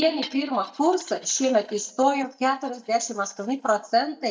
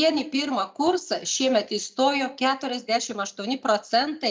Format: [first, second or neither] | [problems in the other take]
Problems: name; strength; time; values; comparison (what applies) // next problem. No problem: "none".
second | noise reduction (neural mask model DeepFilterNet 3)